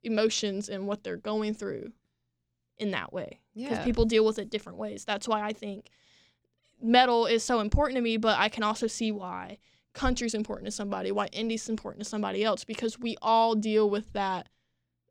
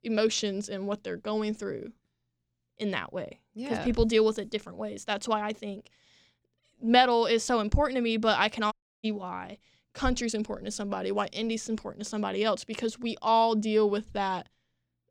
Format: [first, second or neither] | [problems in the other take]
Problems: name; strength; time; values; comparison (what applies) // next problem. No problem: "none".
first | audio cutting out; at 8.5 s